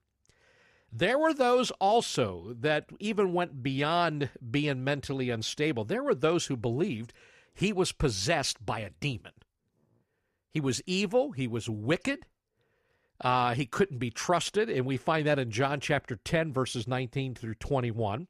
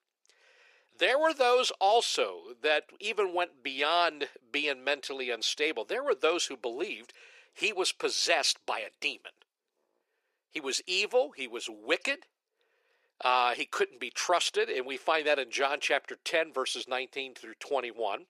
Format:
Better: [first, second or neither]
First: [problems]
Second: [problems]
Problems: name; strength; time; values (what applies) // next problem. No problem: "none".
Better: first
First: none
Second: thin; very; fading below 400 Hz